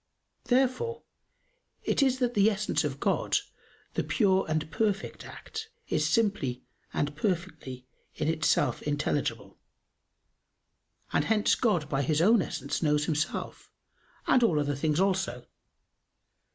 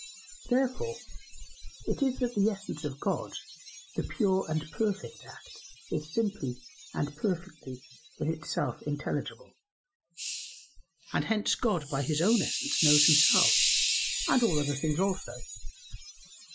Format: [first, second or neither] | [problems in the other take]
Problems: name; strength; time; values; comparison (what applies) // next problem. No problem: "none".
first | noise reduction (classical method Wiener filter)